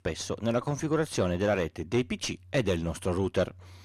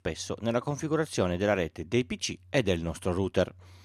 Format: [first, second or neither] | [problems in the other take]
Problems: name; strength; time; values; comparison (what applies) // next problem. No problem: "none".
second | distortion; slight; 10 dB below the speech